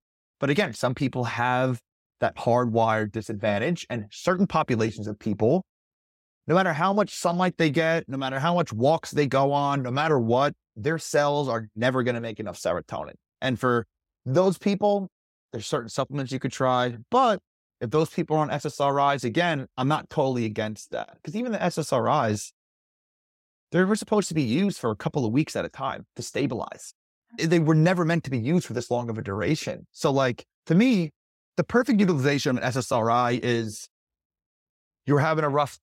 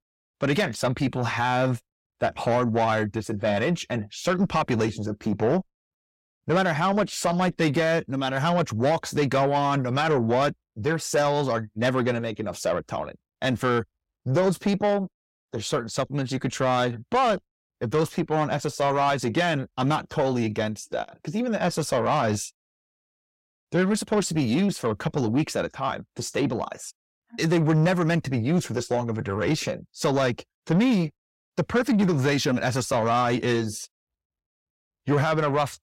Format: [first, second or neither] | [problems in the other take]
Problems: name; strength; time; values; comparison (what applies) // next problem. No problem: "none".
first | distortion; slight; 10 dB below the speech